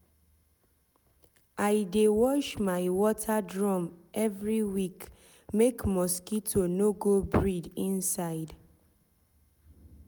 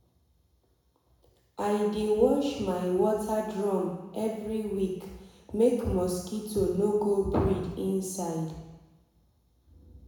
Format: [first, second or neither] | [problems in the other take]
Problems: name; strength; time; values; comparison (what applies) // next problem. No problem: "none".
first | room echo; dies away in 1 s